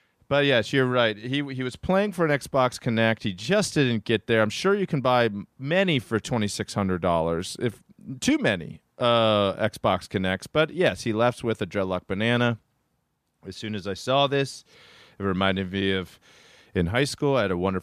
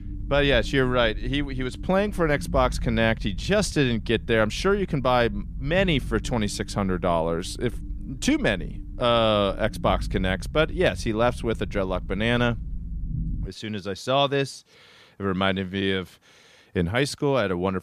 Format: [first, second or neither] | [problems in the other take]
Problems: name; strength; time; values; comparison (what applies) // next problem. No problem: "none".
first | low rumble; faint; until 13 s; 25 dB below the speech